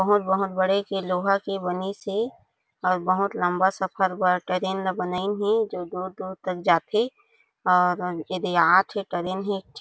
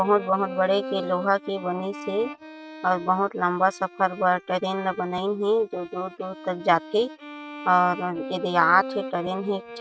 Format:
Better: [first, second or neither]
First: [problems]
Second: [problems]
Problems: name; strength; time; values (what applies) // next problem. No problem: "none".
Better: first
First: none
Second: noise reduction (neural mask model RNNoise)